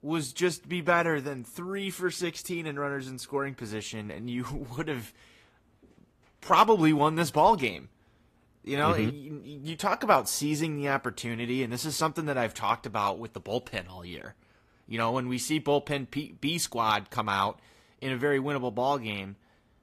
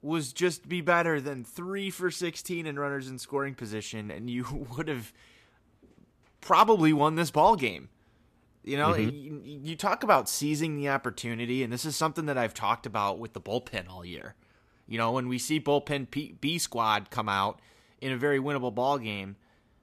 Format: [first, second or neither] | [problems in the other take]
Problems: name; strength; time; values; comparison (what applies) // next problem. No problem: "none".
second | garbled, watery; slightly; nothing above 14.5 kHz